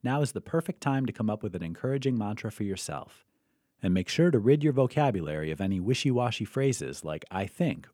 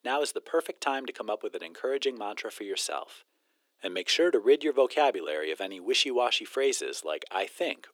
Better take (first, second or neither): first